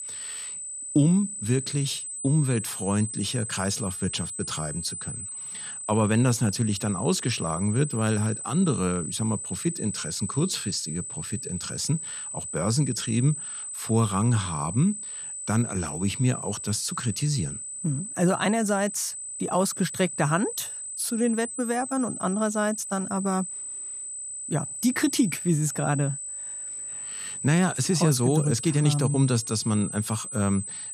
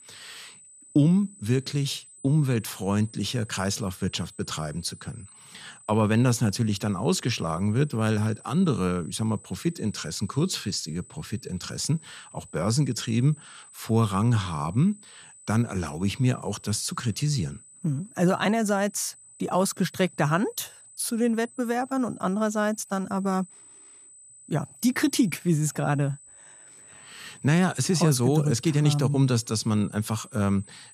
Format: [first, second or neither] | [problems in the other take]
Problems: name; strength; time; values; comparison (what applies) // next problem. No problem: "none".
second | high-pitched whine; loud; throughout; 8 kHz, 6 dB below the speech; faint in the second